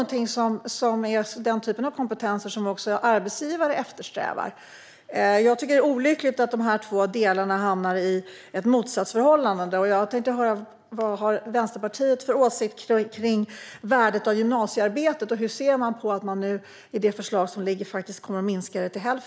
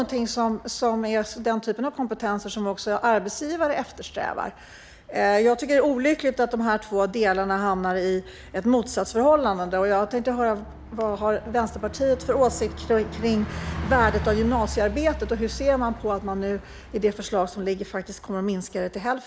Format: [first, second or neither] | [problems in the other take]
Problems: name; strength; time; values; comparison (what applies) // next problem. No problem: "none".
first | background sound (Bus); 14 dB below the speech